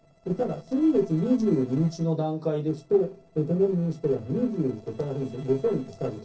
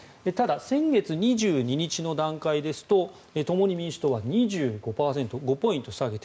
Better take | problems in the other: second | noise reduction (neural separator model SepFormer DNS4)

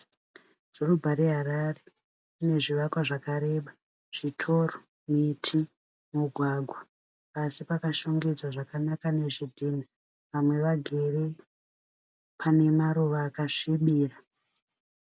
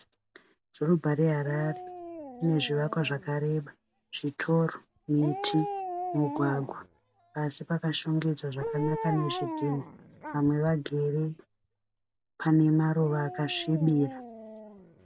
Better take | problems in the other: first | background sound (Dog); 11 dB below the speech

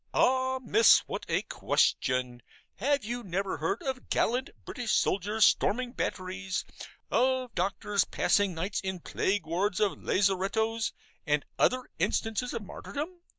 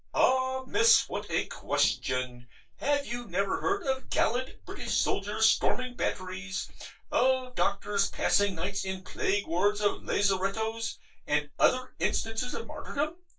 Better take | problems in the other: first | noise reduction (neural separator model SepFormer DNS4)

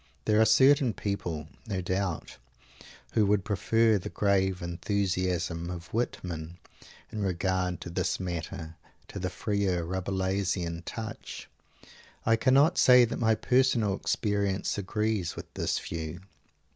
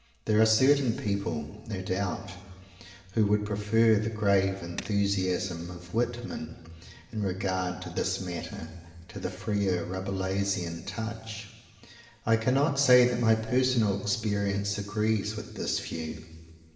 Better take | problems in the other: first | background sound (Tools); 18 dB below the speech // room echo; dies away in 2.3 s

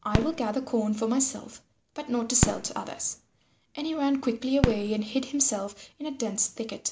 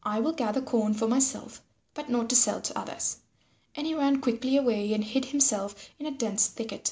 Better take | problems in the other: second | background sound (Fireworks); 6 dB below the speech

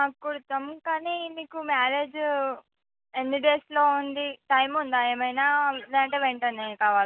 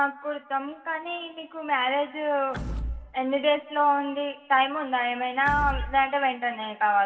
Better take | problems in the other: first | background sound (Door / Wood); 10 dB below the speech // room echo; dies away in 2.6 s

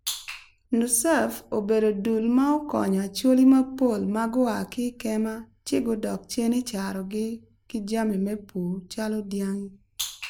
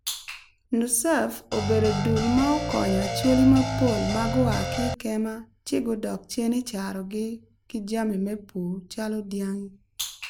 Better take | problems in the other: first | background sound (Guitar); 1 dB below the speech

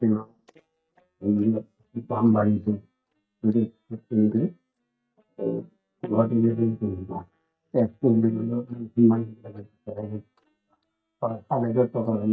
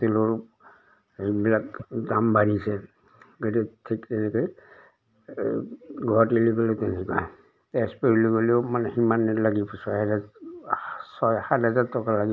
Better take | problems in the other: second | noise reduction (neural mask model DeepFilterNet 3)

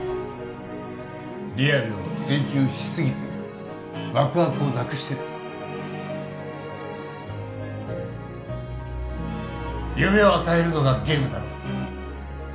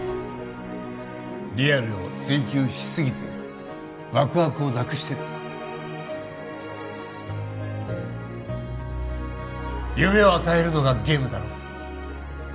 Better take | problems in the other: second | background sound (Guitar); 12 dB below the speech // room echo; dies away in 0.4 s

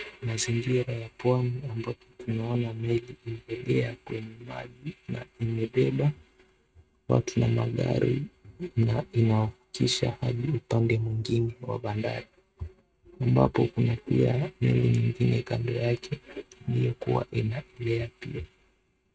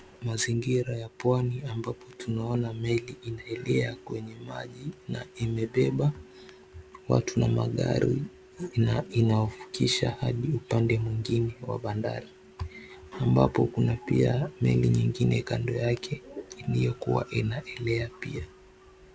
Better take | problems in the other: second | noise reduction (neural mask model RNNoise)

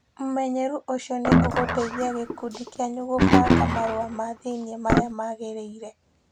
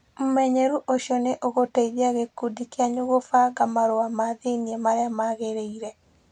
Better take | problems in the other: second | background sound (Guitar); 5 dB above the speech

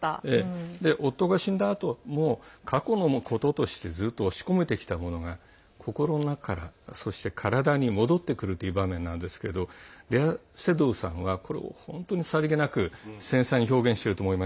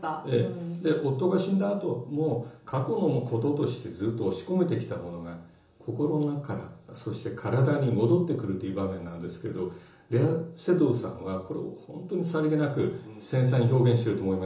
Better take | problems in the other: first | room echo; dies away in 0.6 s

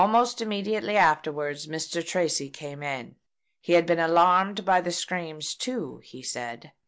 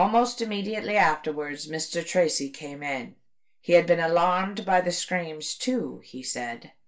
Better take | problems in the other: first | room echo; dies away in 0.2 s

